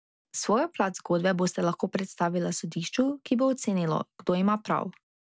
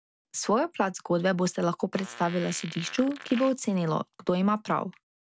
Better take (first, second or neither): first